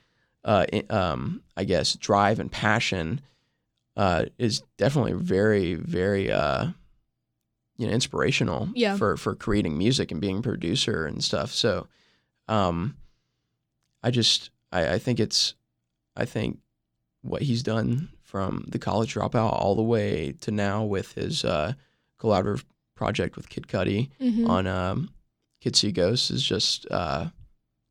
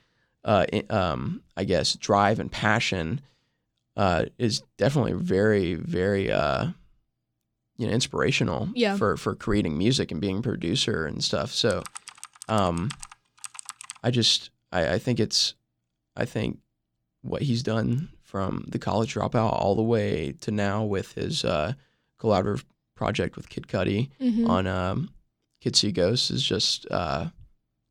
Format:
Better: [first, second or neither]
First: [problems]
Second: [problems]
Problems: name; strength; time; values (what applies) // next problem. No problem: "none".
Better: first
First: none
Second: keyboard typing; faint; from 12 to 14 s; peak 10 dB below the speech